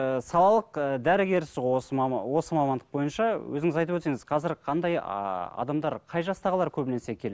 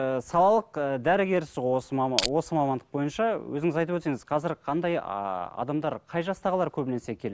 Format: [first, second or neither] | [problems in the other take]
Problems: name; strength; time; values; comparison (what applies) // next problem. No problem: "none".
first | background sound (Crushing); 3 dB below the speech